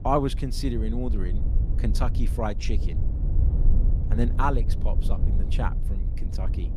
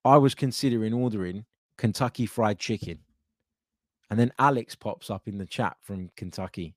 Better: second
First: low rumble; noticeable; throughout; 10 dB below the speech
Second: none

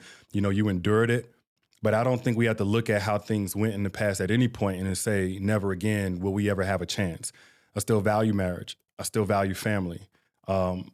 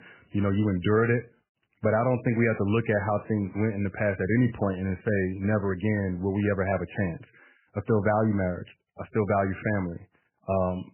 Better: first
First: none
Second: garbled, watery; badly; nothing above 3 kHz

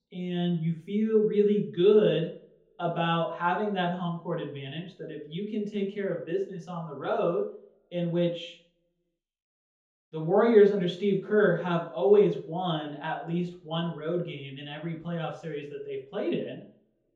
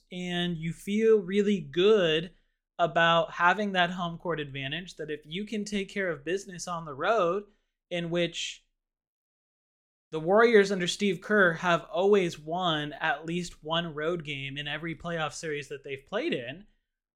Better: second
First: room echo; noticeable; dies away in 0.5 s // off-mic speech; far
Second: none

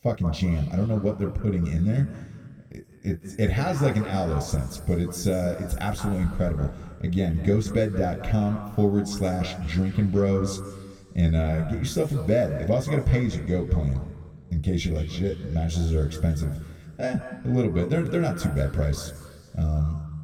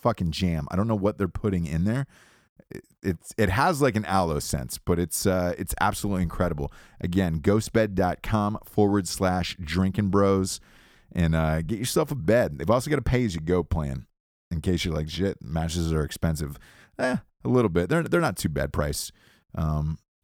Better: second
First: room echo; noticeable; dies away in 1.7 s // off-mic speech; somewhat distant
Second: none

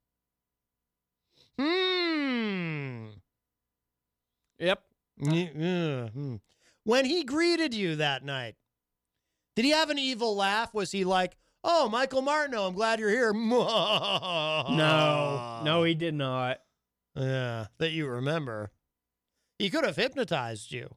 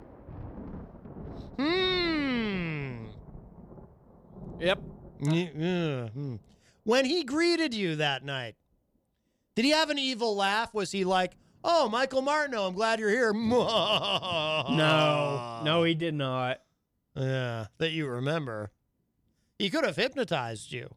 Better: first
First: none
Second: rain or running water; noticeable; throughout; 20 dB below the speech

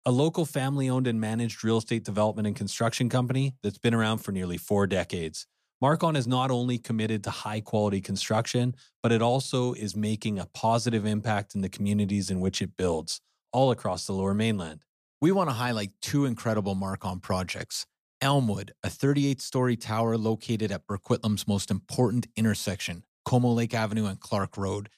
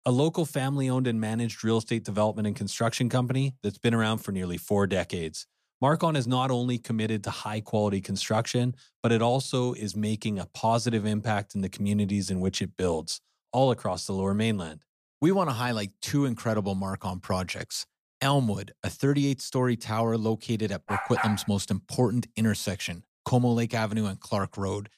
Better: first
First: none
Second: dog barking; noticeable; at 21 s; peak 2 dB below the speech

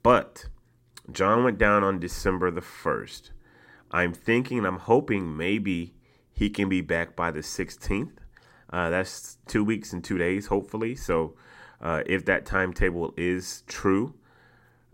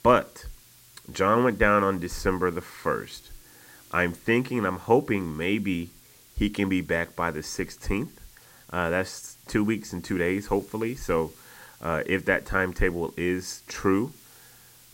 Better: first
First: none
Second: hiss; faint; throughout; 25 dB below the speech

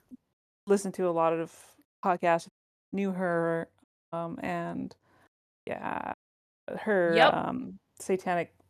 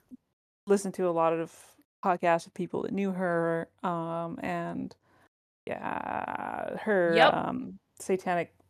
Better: second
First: audio cutting out; at 2.5 s, at 4 s and at 6 s for 0.5 s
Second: none

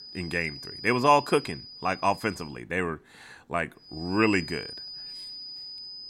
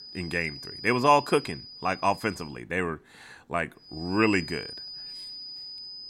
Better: neither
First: high-pitched whine; noticeable; until 2.5 s and from 4 s on; 5 kHz, 10 dB below the speech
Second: high-pitched whine; noticeable; until 2.5 s and from 4 s on; 5 kHz, 10 dB below the speech

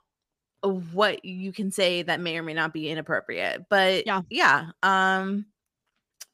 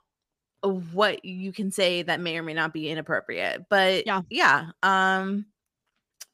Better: neither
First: none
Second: none

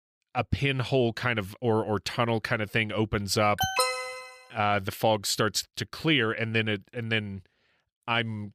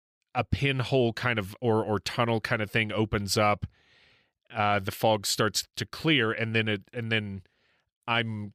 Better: second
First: alarm; loud; at 3.5 s; peak 2 dB above the speech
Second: none

